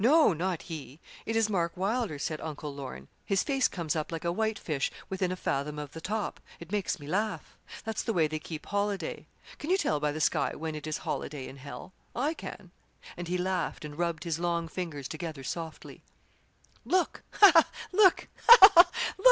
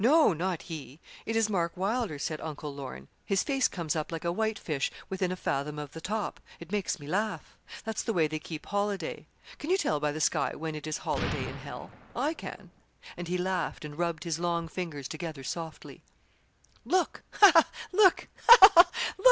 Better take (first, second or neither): first